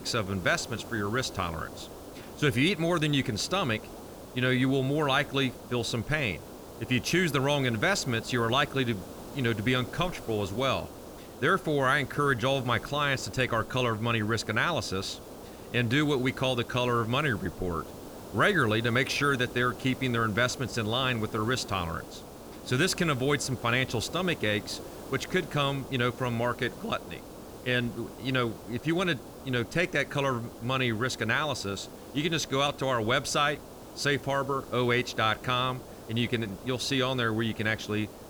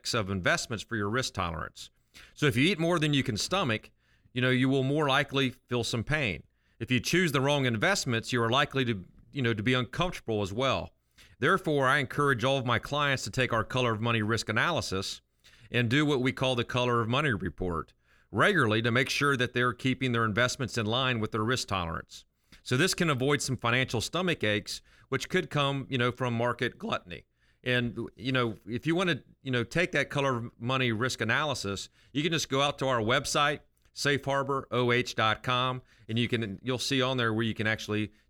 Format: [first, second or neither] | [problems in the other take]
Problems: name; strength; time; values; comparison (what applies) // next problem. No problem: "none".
second | hiss; noticeable; throughout; 15 dB below the speech